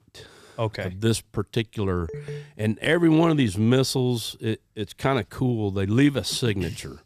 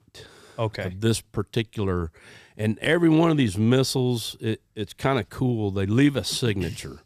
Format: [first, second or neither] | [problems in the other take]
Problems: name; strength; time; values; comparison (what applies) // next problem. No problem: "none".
second | phone ringing; faint; at 2 s; peak 10 dB below the speech